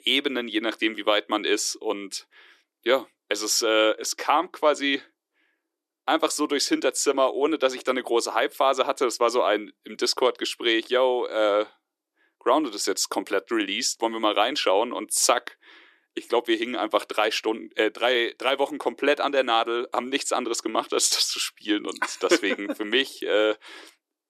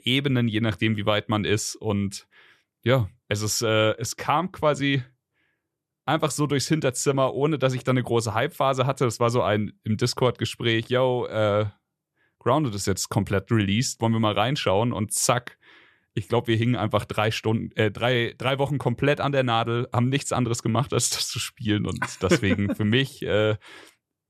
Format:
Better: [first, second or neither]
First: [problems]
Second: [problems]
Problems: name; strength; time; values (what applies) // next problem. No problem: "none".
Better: second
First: thin; somewhat; fading below 300 Hz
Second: none